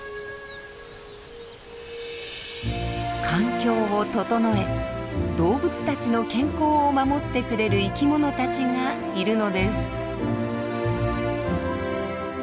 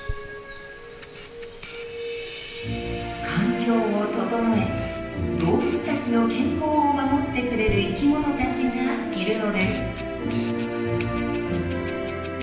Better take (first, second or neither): first